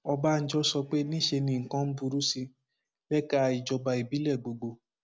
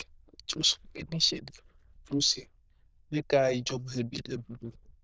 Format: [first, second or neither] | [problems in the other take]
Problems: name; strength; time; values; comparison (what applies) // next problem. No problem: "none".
first | noise reduction (neural diffusion model UNIVERSE++)